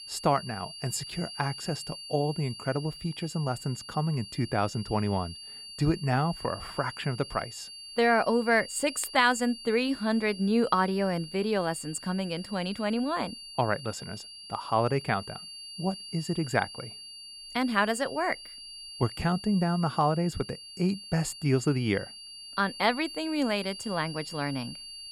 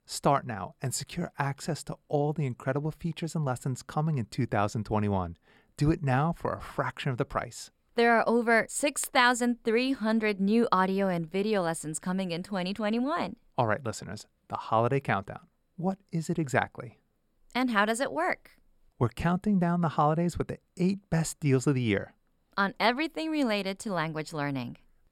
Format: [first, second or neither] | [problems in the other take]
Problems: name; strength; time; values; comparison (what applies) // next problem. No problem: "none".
second | high-pitched whine; noticeable; throughout; 4.5 kHz, 10 dB below the speech